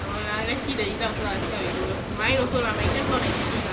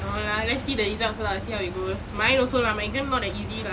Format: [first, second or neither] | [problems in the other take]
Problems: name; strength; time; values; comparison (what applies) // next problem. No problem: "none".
second | background sound (Waves, surf); 1 dB below the speech